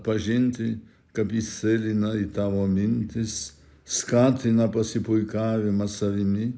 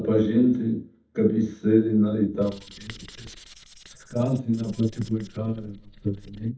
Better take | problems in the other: first | noise reduction (neural mask model DeepFilterNet 3)

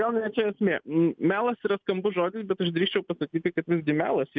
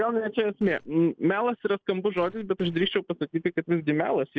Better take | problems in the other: first | noise reduction (neural separator model SepFormer DNS4)

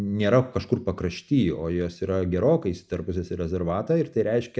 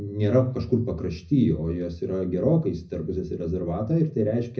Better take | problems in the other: first | room echo; dies away in 0.4 s

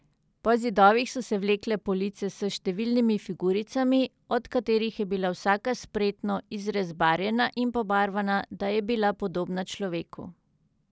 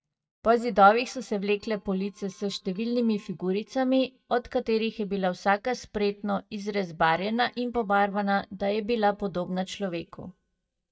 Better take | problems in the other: first | noise reduction (neural mask model DeepFilterNet 3)

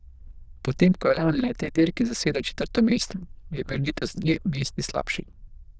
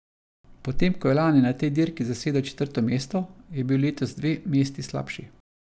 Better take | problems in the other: second | noise reduction (neural diffusion model UNIVERSE++)

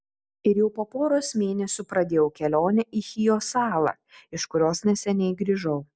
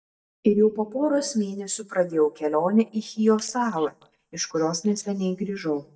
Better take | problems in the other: first | noise reduction (neural mask model DeepFilterNet 3)

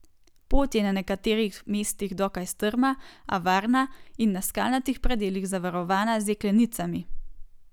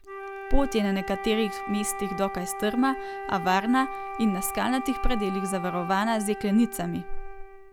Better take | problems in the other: first | background sound (Wind instrument, woodwind instrument); 10 dB below the speech

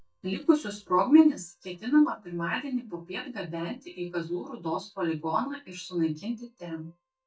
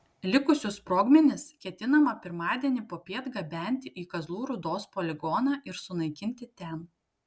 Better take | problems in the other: second | noise reduction (neural mask model DeepFilterNet 3)

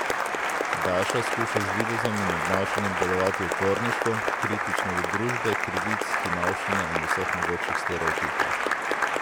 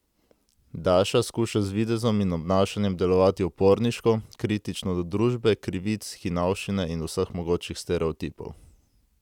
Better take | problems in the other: second | background sound (Applause); 4 dB above the speech

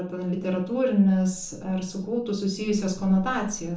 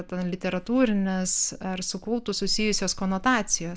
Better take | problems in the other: second | room echo; dies away in 1 s

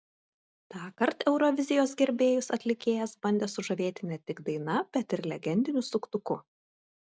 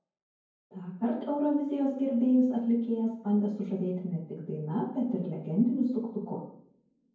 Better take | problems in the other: first | room echo; dies away in 0.9 s

